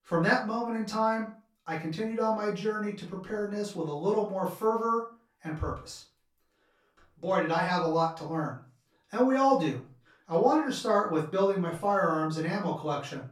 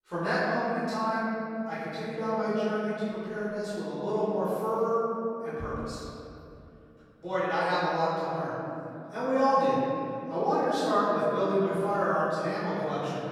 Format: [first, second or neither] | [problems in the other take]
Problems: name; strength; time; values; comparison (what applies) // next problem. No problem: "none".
first | room echo; strong; dies away in 2.8 s; slight in the first // off-mic speech; far; far in the first